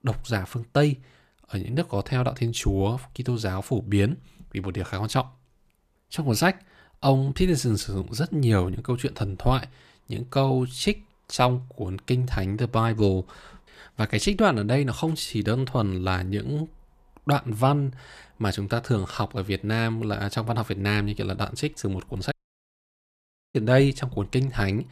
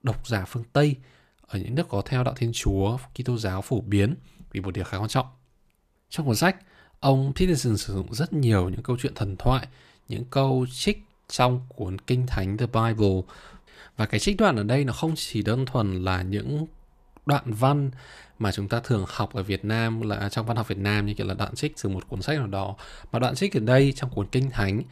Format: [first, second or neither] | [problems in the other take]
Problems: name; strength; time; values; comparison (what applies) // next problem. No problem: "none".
second | audio cutting out; at 22 s for 1 s